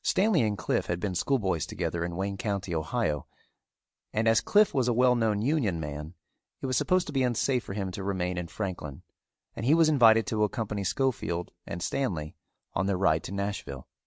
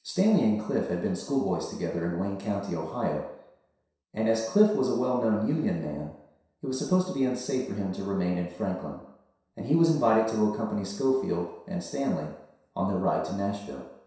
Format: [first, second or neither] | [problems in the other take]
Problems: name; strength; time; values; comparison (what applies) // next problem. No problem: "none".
first | room echo; dies away in 0.7 s